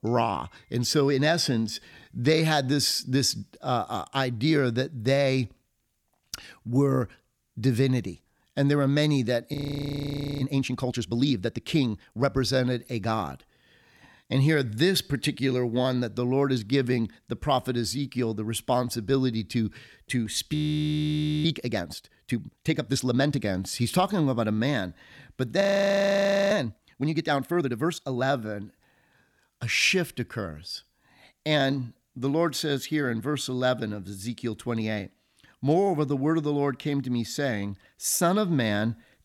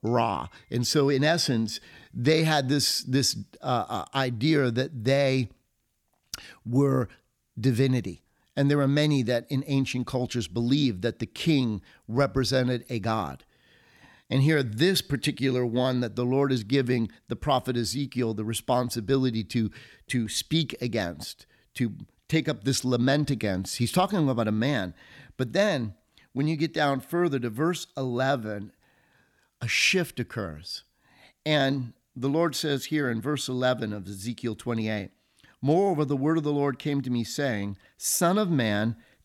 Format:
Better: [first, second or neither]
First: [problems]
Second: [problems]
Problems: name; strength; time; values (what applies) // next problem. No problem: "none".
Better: second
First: audio freezing; at 9.5 s for 1 s, at 21 s for 1 s and at 26 s for 1 s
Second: none